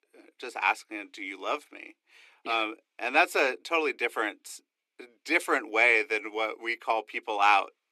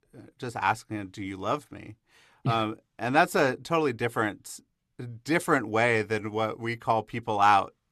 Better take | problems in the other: second | thin; somewhat; fading below 300 Hz

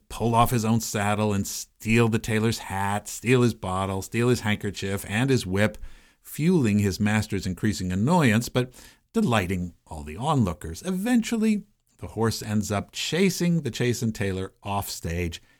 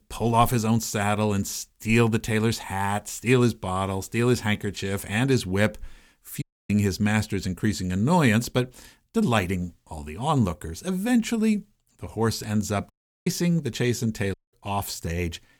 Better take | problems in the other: first | audio cutting out; at 6.5 s, at 13 s and at 14 s

